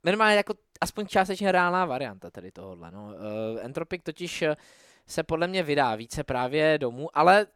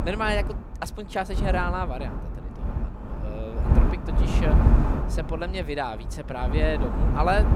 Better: first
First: none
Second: wind noise on the microphone; heavy; 6 dB below the speech

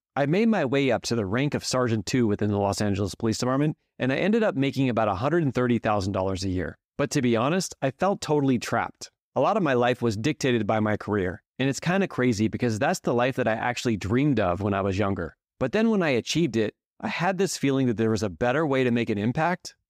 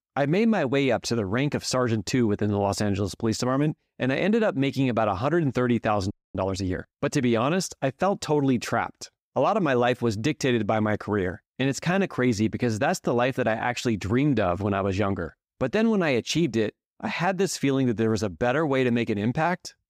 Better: first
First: none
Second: audio freezing; at 6 s

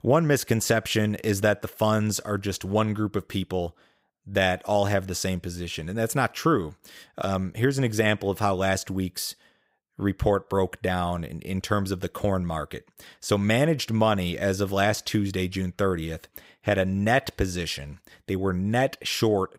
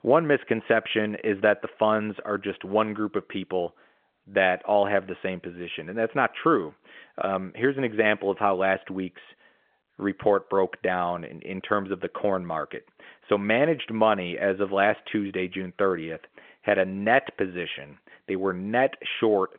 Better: first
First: none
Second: phone-call audio; nothing above 3.5 kHz

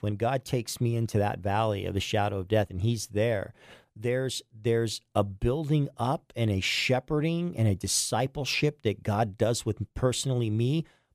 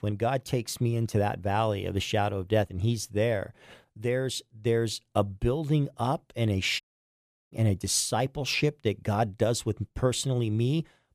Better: first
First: none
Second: audio cutting out; at 7 s for 0.5 s

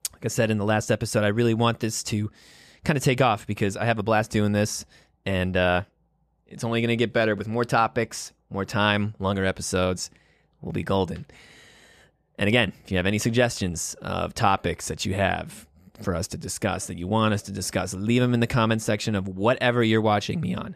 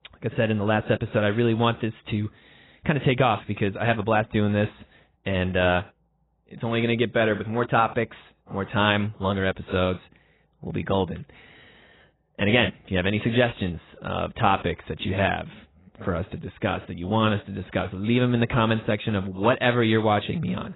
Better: first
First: none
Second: garbled, watery; badly; nothing above 4 kHz

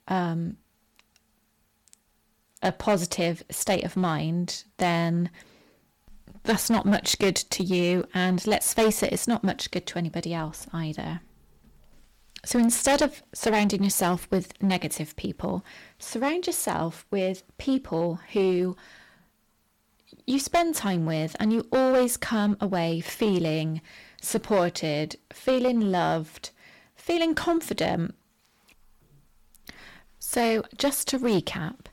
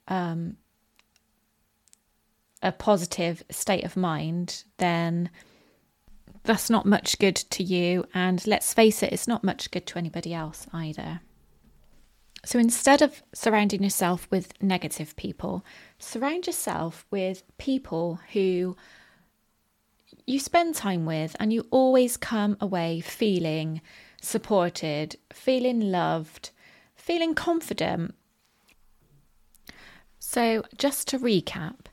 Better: second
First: distortion; slight; 4% of the sound clipped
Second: none

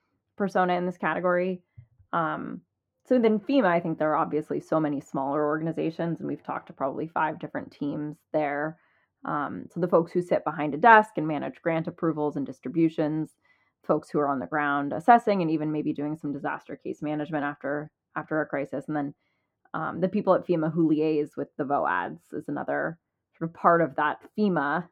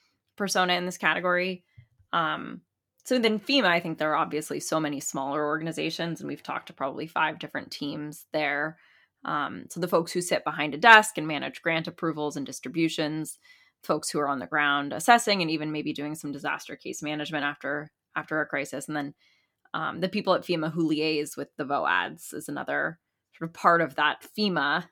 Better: second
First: muffled; very; fading above 2 kHz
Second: none

